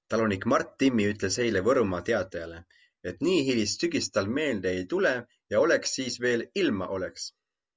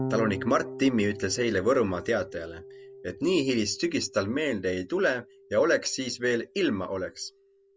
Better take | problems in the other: first | background sound (Electric guitar / Bass guitar); 14 dB below the speech

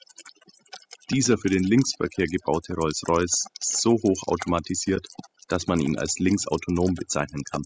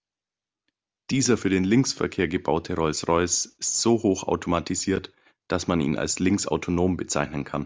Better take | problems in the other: second | noise reduction (classical method spectral subtraction)

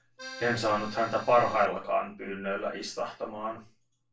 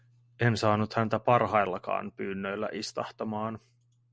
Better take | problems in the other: second | background sound (Accordion); 15 dB below the speech // room echo; dies away in 0.3 s

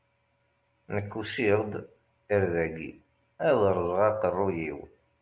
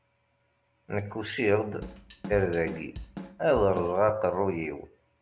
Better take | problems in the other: first | background sound (Drum kit); 12 dB below the speech

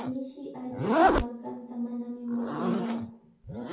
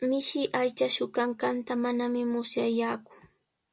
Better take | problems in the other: second | background sound (Zipper (clothing)); 5 dB above the speech // room echo; dies away in 0.9 s

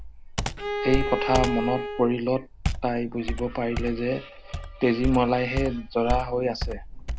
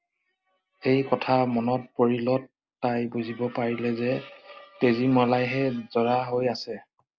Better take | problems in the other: second | background sound (Computer keyboard + Bowed string instrument); 4 dB below the speech

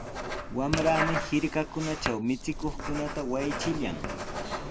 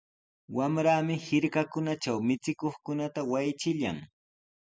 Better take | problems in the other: second | background sound (Writing); 3 dB below the speech

